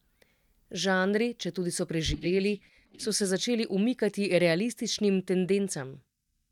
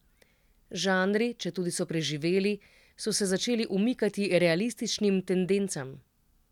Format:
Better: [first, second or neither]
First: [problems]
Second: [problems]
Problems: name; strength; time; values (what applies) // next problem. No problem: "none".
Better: second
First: noise reduction (neural mask model DeepFilterNet 3)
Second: none